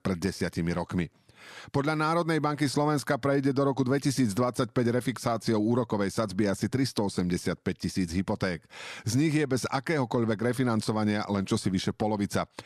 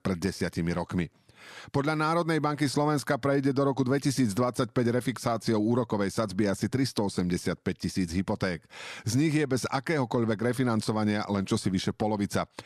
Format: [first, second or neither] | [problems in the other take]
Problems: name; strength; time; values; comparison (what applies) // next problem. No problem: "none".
neither | none